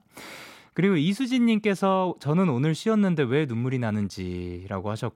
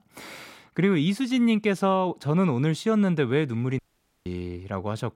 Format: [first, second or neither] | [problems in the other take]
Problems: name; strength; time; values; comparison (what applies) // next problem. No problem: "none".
first | audio cutting out; at 4 s